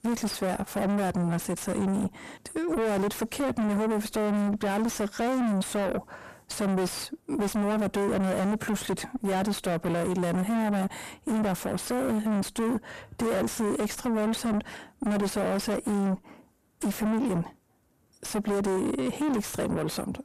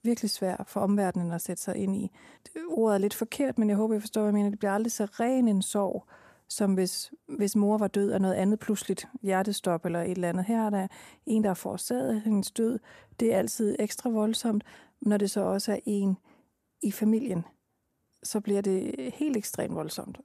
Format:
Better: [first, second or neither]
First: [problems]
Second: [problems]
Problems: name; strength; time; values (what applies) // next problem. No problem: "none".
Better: second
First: distortion; heavy; 6 dB below the speech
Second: none